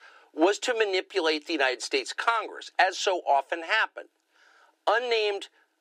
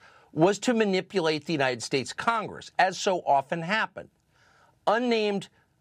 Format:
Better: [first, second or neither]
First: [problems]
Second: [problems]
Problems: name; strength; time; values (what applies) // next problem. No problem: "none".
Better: second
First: thin; very; fading below 300 Hz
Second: none